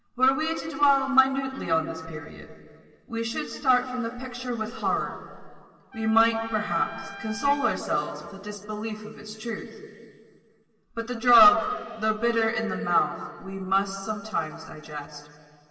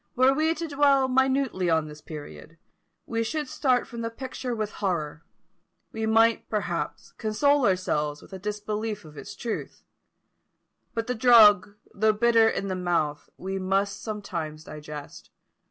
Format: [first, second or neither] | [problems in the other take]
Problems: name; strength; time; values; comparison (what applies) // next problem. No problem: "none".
second | background sound (Trumpet); 17 dB below the speech // room echo; dies away in 2.4 s